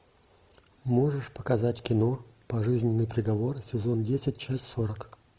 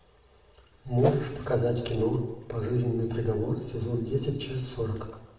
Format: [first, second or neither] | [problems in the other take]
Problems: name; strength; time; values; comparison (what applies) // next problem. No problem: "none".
first | background sound (Whoosh, swoosh, swish); 3 dB below the speech // room echo; dies away in 0.9 s